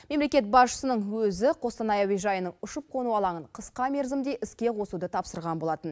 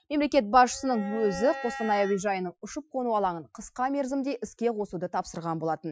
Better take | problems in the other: first | noise reduction (classical method Wiener filter)

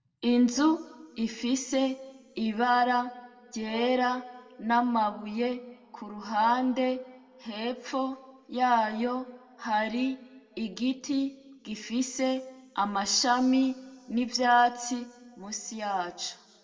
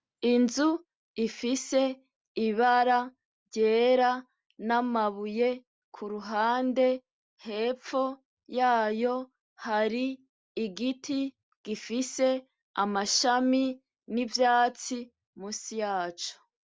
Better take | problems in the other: second | background sound (Brass instrument); 19 dB below the speech // room echo; dies away in 1.3 s

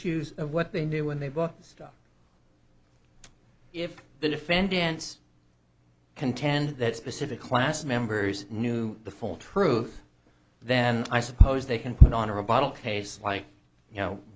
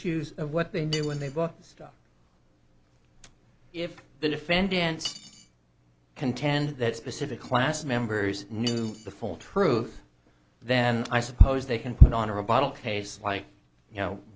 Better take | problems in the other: first | background sound (Cutlery, silverware); 18 dB below the speech

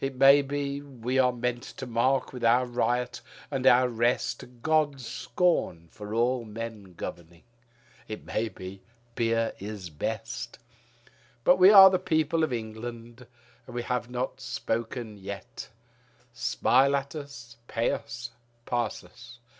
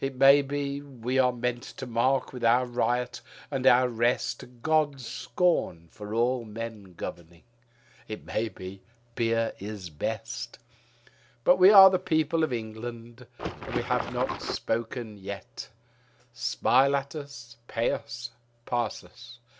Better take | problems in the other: first | background sound (Water / Splash, splatter); 6 dB below the speech

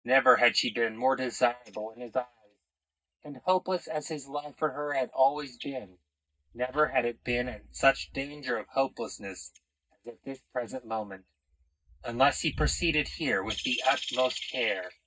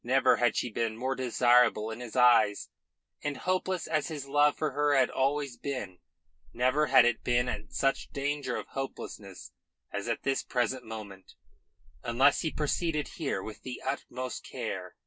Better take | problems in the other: second | noise reduction (neural mask model DeepFilterNet 3)

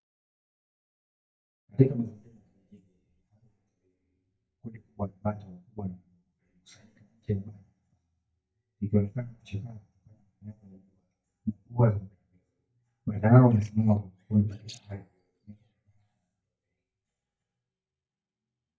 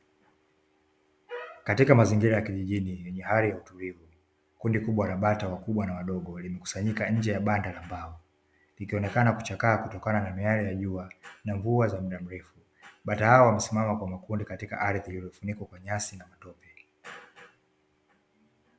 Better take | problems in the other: second | noise reduction (neural mask model DeepFilterNet 3)

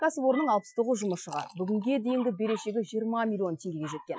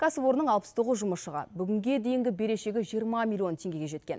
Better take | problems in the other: second | noise reduction (classical method Wiener filter)

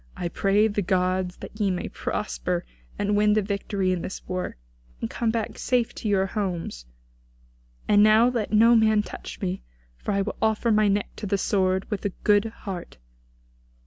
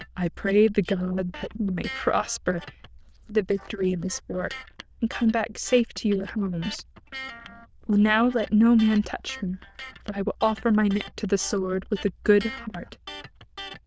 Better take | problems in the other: first | noise reduction (neural diffusion model UNIVERSE++)

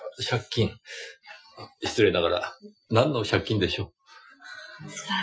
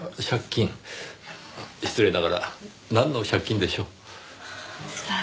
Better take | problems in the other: second | noise reduction (classical method Wiener filter)

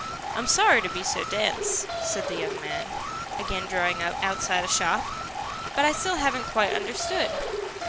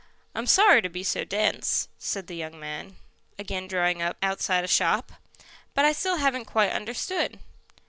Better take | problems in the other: second | background sound (Alarm + Stream); 4 dB below the speech

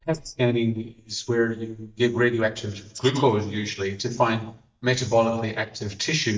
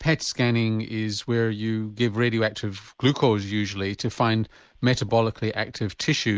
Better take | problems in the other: second | noise reduction (neural mask model DeepFilterNet 3)

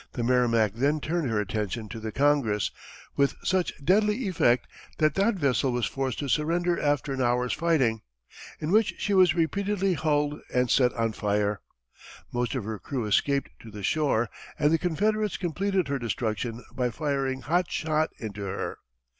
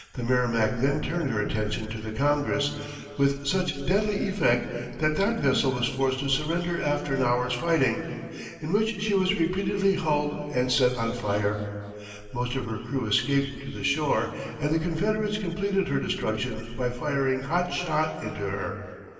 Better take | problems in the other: first | room echo; dies away in 2.5 s

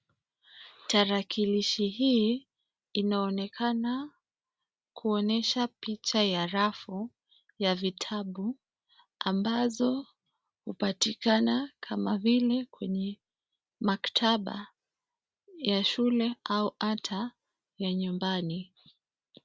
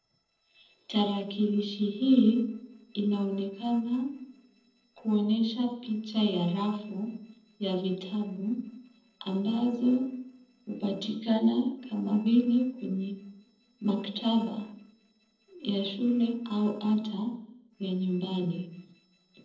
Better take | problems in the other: first | noise reduction (neural separator model SepFormer DNS4)

